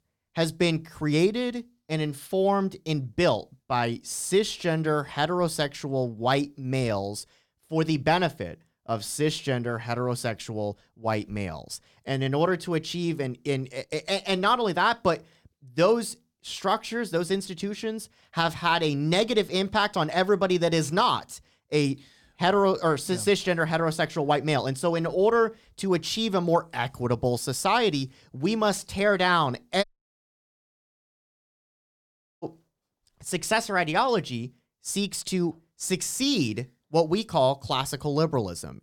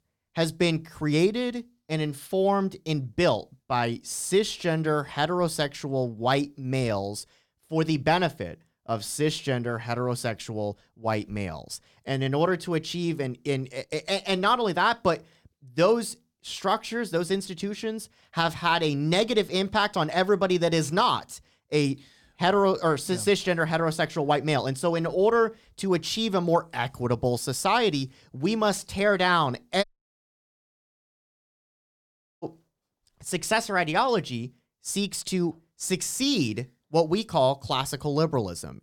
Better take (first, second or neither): neither